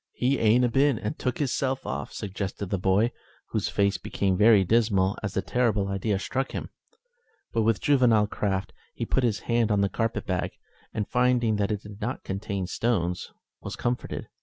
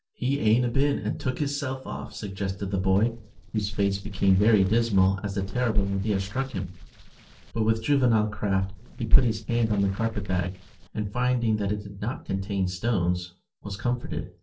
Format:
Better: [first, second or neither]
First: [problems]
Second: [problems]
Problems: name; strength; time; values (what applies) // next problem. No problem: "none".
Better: first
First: none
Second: noise reduction (neural separator model SepFormer DNS4)